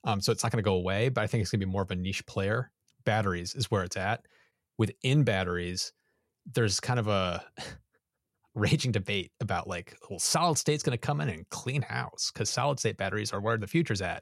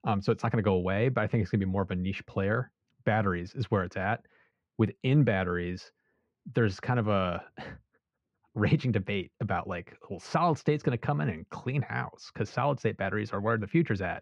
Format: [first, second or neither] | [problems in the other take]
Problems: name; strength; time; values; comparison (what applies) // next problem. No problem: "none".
first | muffled; very; fading above 2 kHz